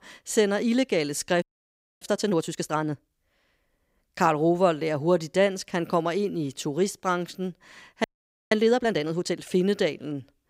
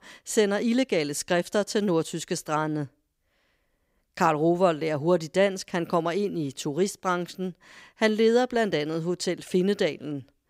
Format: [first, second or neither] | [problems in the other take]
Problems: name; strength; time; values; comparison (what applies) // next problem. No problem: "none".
second | audio freezing; at 1.5 s for 0.5 s and at 8 s